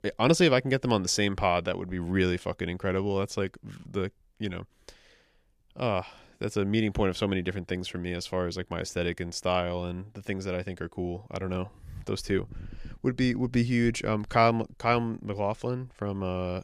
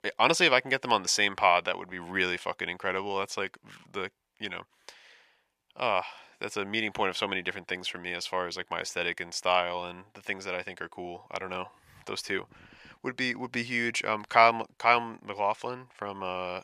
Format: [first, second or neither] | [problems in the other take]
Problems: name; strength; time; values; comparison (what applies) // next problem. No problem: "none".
first | thin; somewhat; fading below 750 Hz